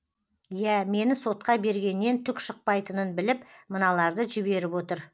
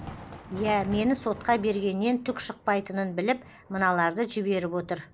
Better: first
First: none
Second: background sound (Thunder); 16 dB below the speech

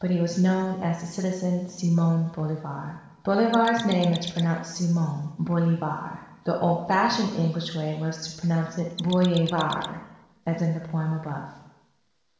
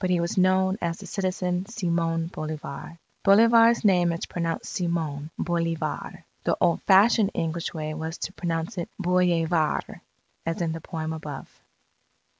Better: second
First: background sound (Mechanisms); 12 dB below the speech // room echo; dies away in 1.1 s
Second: none

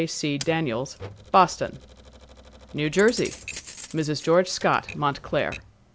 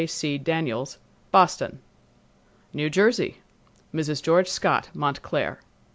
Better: second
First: background sound (Typewriter + Keys jangling); 17 dB below the speech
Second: none

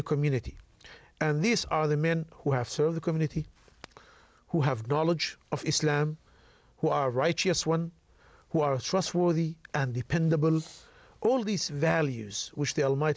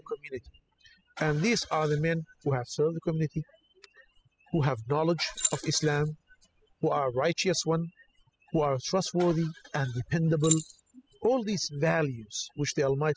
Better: first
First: none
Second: noise reduction (classical method spectral subtraction)

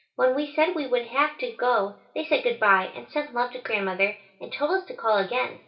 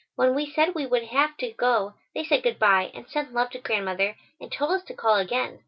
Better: second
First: room echo; dies away in 0.8 s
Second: none

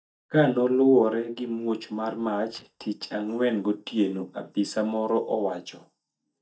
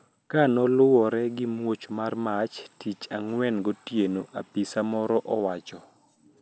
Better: second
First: noise reduction (neural mask model DeepFilterNet 3)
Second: none

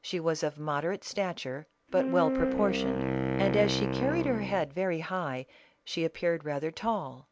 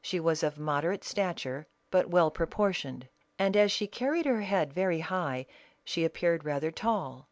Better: second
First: background sound (Wind instrument, woodwind instrument); 1 dB below the speech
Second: none

